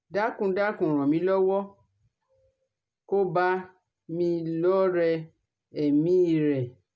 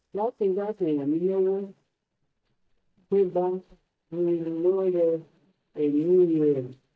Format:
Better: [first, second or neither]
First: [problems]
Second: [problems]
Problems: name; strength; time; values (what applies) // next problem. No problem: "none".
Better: first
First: none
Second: noise reduction (neural mask model DeepFilterNet 3)